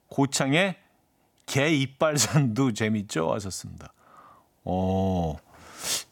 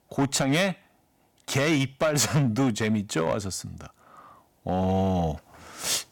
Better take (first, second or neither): first